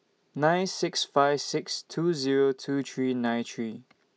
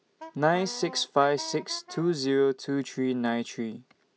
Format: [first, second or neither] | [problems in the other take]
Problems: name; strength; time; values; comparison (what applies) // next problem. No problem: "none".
first | background sound (Wind instrument, woodwind instrument); 17 dB below the speech